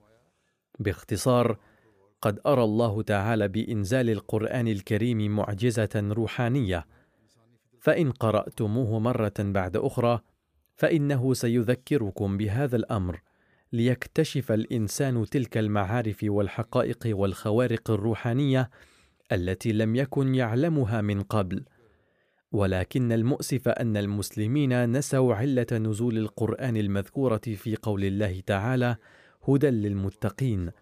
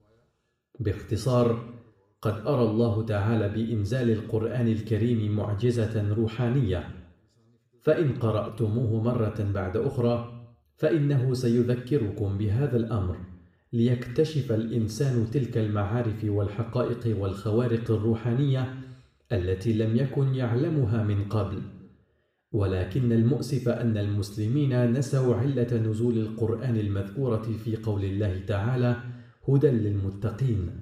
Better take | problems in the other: first | room echo; noticeable; dies away in 0.7 s // off-mic speech; somewhat distant

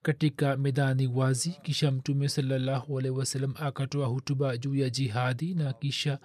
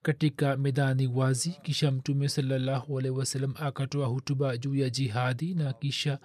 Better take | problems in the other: neither | none

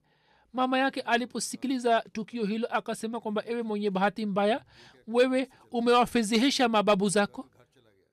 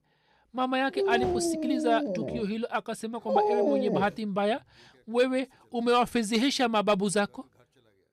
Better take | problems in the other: first | dog barking; loud; from 1 to 4 s; peak 4 dB above the speech

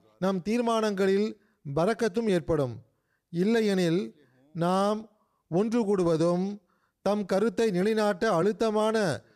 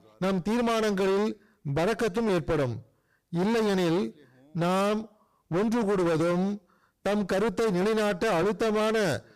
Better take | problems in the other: first | distortion; heavy; 27% of the sound clipped

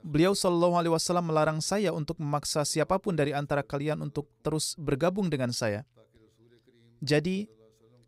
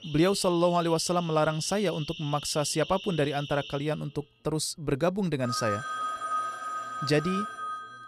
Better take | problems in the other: first | alarms or sirens; loud; throughout; 8 dB below the speech

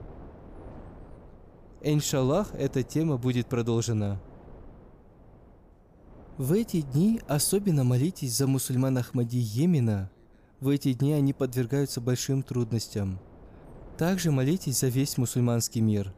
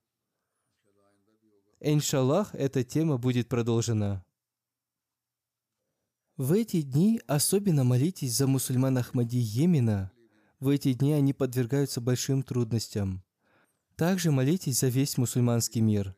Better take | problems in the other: second | wind noise on the microphone; occasional gusts; 25 dB below the speech

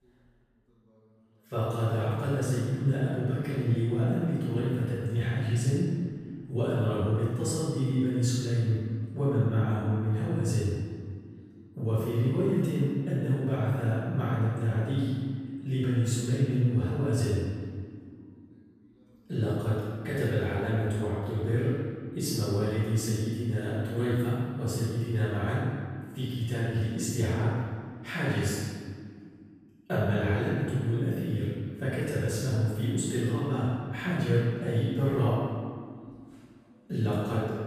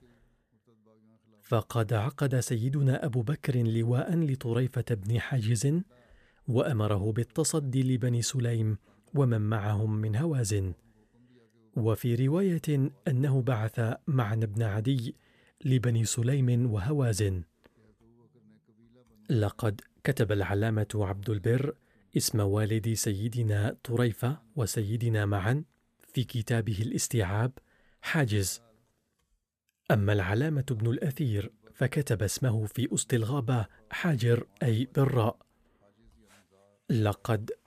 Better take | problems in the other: second | off-mic speech; far // room echo; strong; dies away in 1.7 s

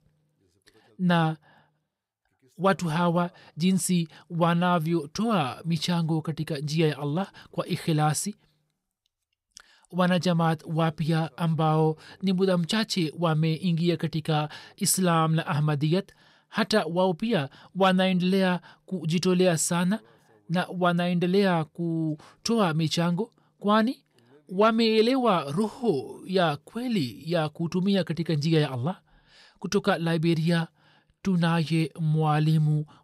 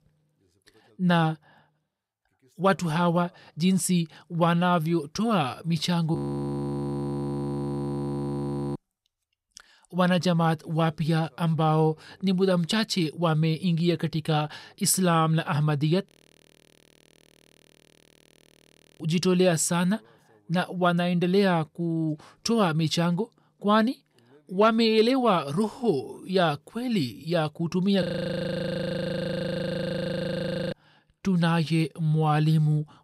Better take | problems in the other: first | audio freezing; at 6 s for 2.5 s, at 16 s for 3 s and at 28 s for 2.5 s

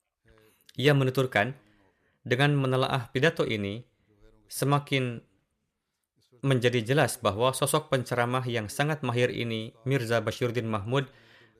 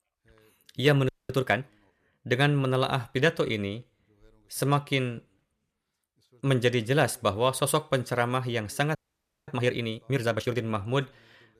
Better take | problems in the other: first | audio freezing; at 1 s and at 9 s for 0.5 s

